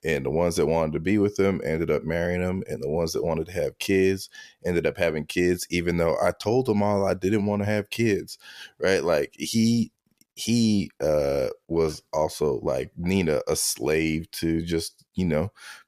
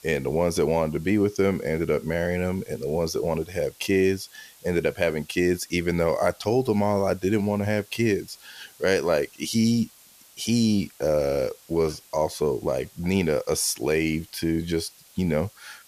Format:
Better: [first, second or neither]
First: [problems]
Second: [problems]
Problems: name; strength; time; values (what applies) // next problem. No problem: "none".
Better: first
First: none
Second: hiss; faint; throughout; 25 dB below the speech